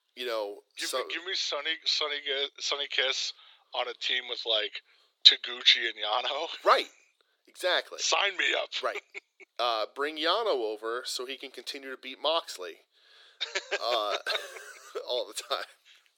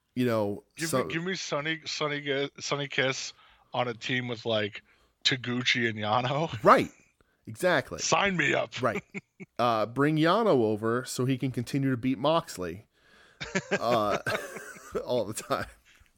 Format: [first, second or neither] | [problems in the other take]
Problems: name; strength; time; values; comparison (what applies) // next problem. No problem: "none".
second | thin; very; fading below 400 Hz